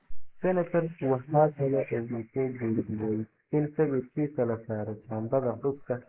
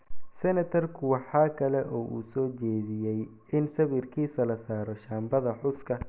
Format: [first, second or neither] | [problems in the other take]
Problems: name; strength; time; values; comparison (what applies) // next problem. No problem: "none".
second | noise reduction (neural mask model Resemble Enhance denoiser)